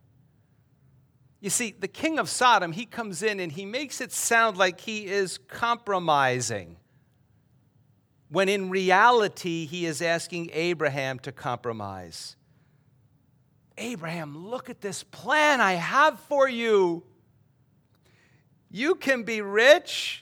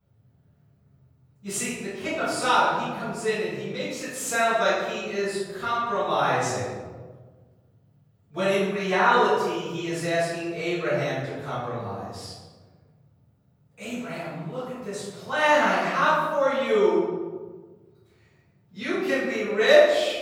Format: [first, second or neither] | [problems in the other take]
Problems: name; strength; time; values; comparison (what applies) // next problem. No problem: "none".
first | off-mic speech; far // room echo; strong; dies away in 1.2 s